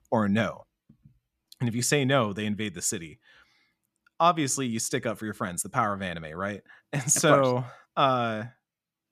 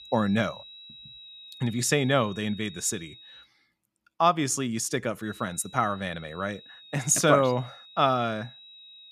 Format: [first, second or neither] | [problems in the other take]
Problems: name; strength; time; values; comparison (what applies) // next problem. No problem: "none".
first | high-pitched whine; noticeable; until 3.5 s and from 5.5 s on; 4 kHz, 20 dB below the speech